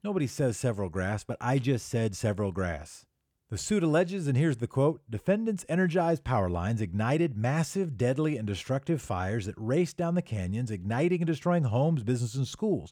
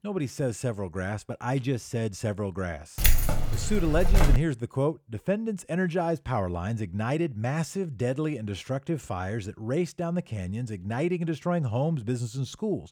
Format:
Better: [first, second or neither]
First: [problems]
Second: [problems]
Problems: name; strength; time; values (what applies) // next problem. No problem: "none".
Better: first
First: none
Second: jangling keys; loud; from 3 to 4.5 s; peak 6 dB above the speech